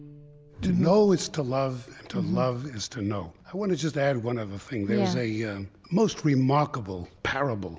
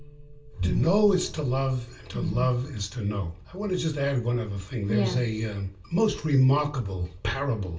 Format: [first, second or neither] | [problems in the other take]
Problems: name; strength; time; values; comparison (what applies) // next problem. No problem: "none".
first | room echo; dies away in 0.2 s